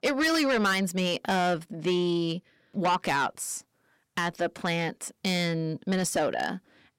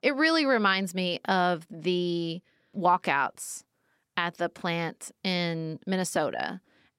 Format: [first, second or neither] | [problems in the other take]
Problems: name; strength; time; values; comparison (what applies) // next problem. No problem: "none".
second | distortion; heavy; 8 dB below the speech